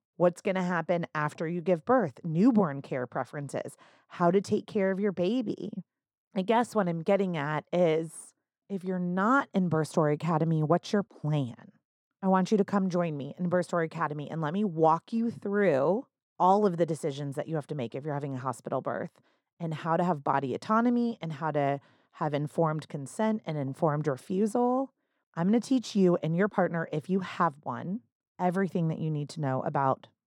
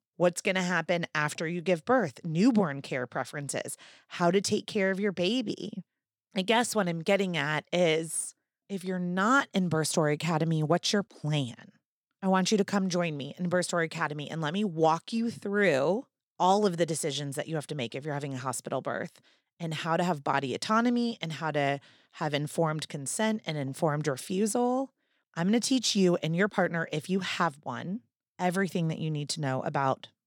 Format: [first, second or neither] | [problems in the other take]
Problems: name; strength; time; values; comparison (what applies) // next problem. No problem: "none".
second | muffled; slightly; fading above 2 kHz